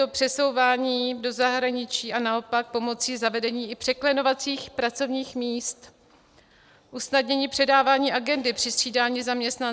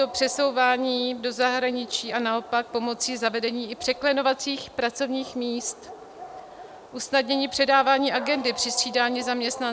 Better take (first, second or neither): first